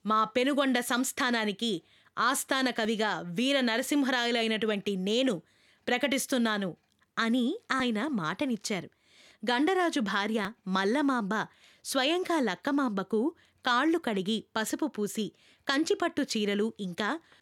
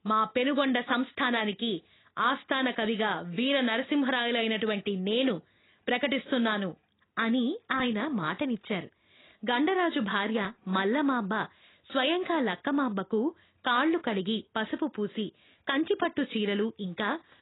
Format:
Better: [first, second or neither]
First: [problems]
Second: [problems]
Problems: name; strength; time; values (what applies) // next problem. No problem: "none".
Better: first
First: none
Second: garbled, watery; badly; nothing above 4 kHz